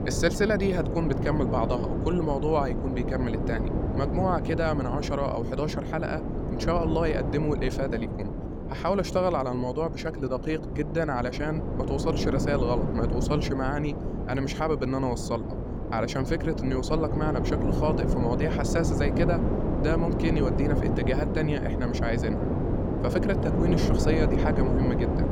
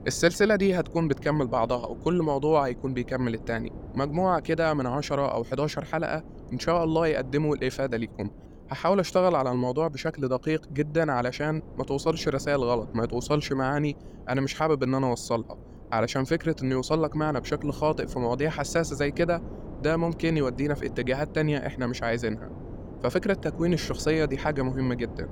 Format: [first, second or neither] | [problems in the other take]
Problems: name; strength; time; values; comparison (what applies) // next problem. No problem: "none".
second | wind noise on the microphone; heavy; 4 dB below the speech; occasional gusts in the second